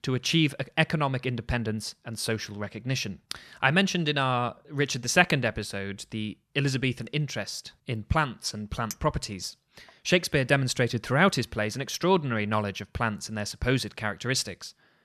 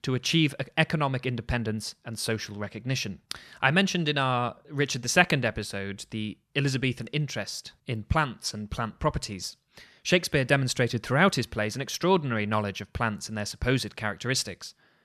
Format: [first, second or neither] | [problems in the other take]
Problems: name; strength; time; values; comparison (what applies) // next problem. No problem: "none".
second | clattering dishes; faint; at 9 s; peak 15 dB below the speech